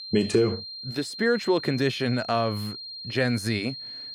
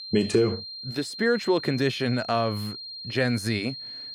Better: neither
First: high-pitched whine; loud; throughout; 4 kHz, 10 dB below the speech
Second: high-pitched whine; loud; throughout; 4 kHz, 10 dB below the speech

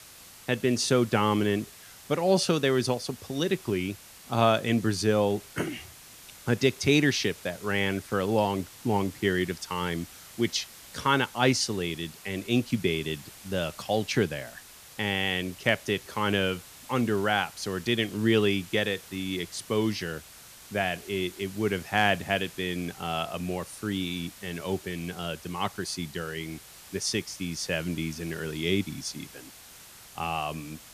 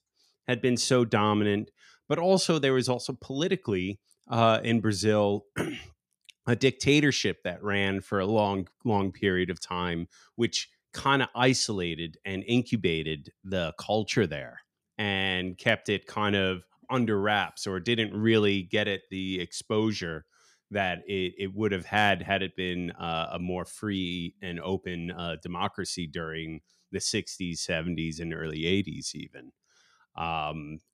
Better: second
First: hiss; noticeable; throughout; 20 dB below the speech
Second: none

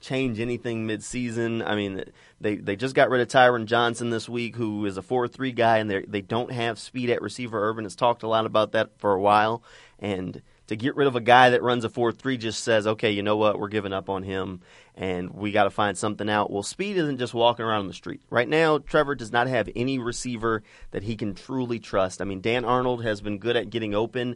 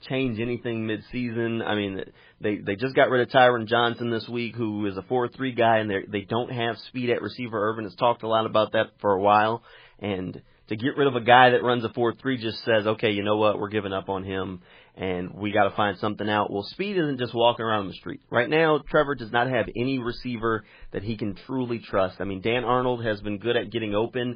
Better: first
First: garbled, watery; slightly; nothing above 10.5 kHz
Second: garbled, watery; badly

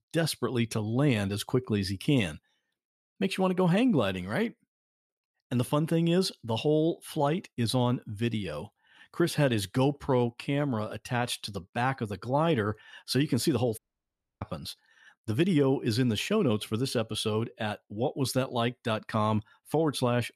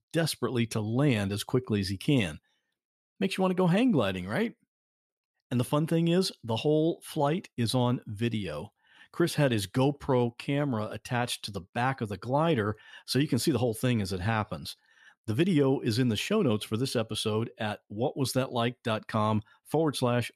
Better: second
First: audio cutting out; at 14 s for 0.5 s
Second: none

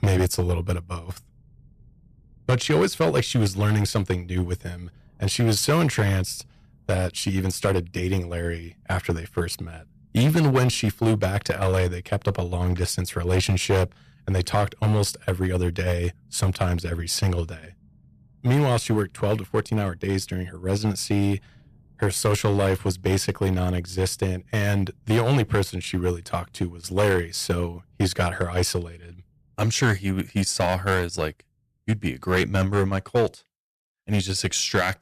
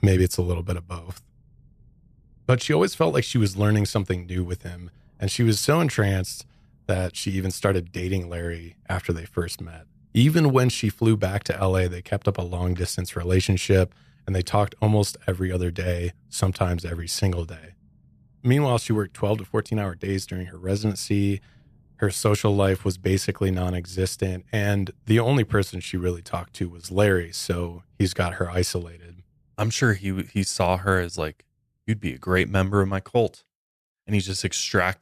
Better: second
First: distortion; slight; 5% of the sound clipped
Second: none

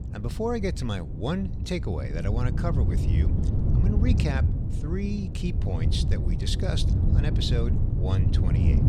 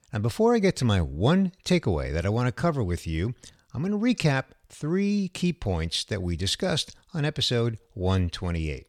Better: second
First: wind noise on the microphone; heavy; 4 dB below the speech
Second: none

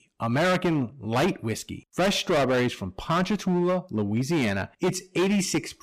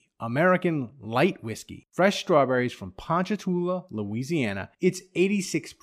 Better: second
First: distortion; heavy; 16% of the sound clipped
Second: none

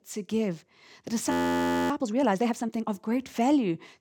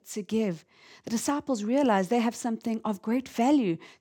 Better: second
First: audio freezing; at 1.5 s for 0.5 s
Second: none

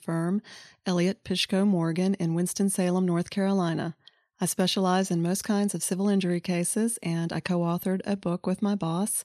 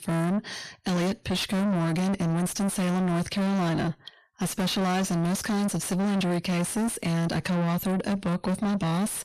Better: first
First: none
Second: distortion; heavy; 6 dB below the speech

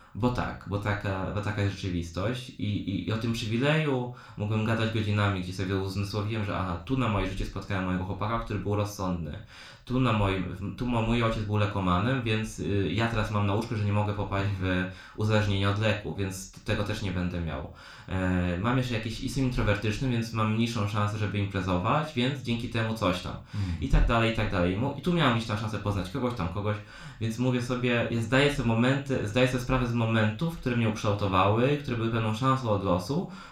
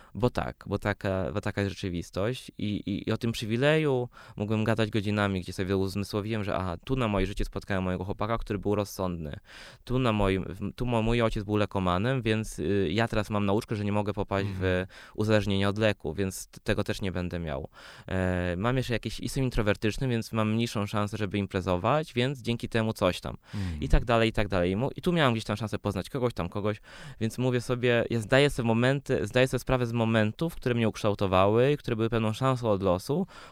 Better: second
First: room echo; slight; dies away in 0.3 s // off-mic speech; somewhat distant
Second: none

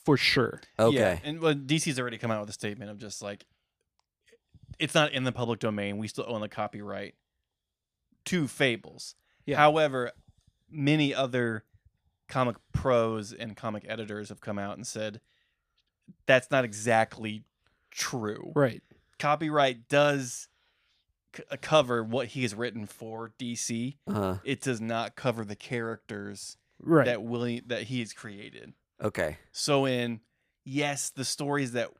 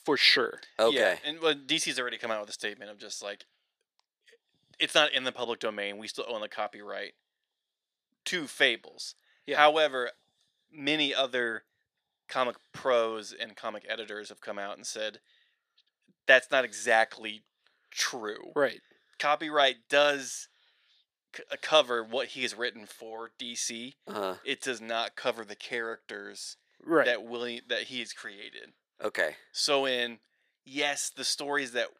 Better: first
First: none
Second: thin; somewhat; fading below 450 Hz

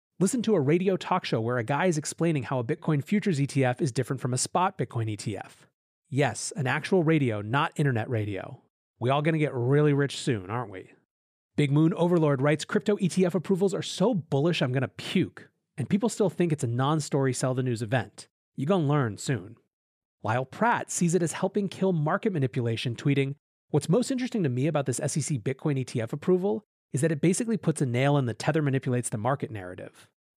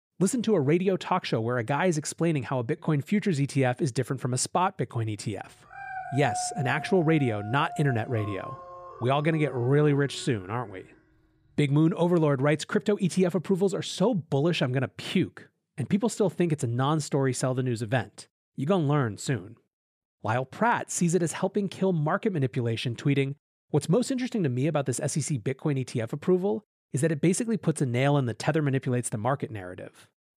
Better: first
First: none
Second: dog barking; noticeable; from 5.5 to 10 s; peak 7 dB below the speech

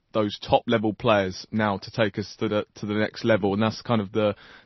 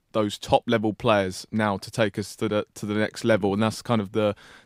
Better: second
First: garbled, watery; slightly; nothing above 6 kHz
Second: none

